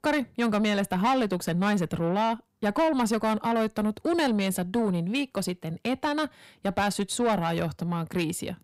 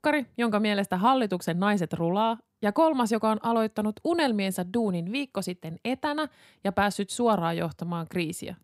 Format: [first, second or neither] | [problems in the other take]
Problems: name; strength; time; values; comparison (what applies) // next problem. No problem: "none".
second | distortion; slight; 10 dB below the speech